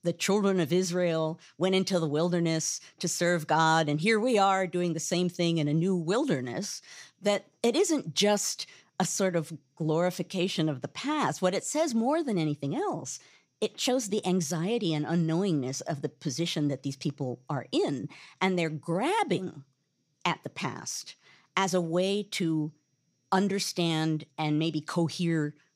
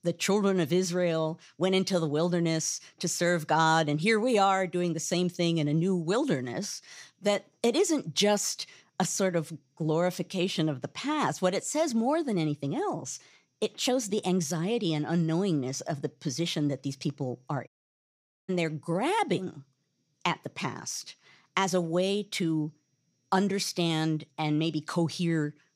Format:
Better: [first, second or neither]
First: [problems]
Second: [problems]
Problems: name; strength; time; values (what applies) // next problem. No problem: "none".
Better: first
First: none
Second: audio cutting out; at 18 s for 1 s